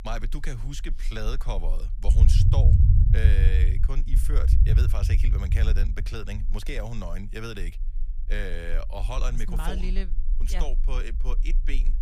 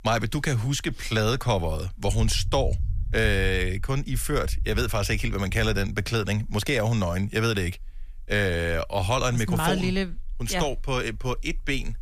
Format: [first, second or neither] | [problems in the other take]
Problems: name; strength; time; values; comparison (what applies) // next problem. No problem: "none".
second | low rumble; loud; throughout; 2 dB below the speech; faint in the second